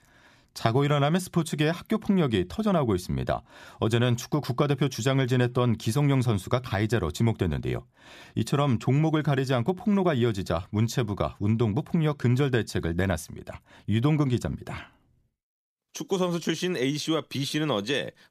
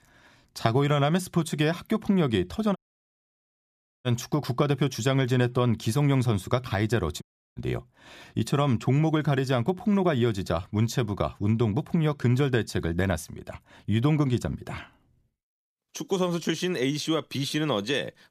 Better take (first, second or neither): first